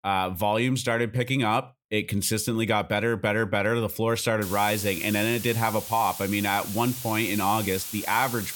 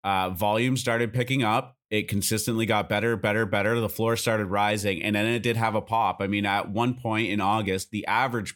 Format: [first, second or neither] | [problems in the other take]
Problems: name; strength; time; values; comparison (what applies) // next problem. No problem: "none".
second | hiss; loud; from 4.5 s on; 8 dB below the speech